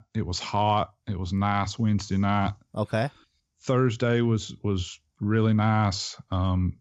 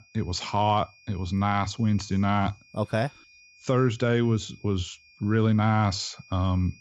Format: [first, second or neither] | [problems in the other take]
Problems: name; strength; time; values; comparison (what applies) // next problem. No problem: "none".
first | high-pitched whine; faint; throughout; 2.5 kHz, 25 dB below the speech